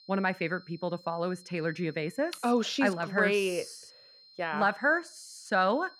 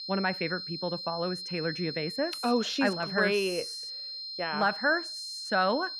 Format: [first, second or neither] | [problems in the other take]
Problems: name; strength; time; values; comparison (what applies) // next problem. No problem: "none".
first | high-pitched whine; loud; throughout; 4 kHz, 6 dB below the speech; faint in the first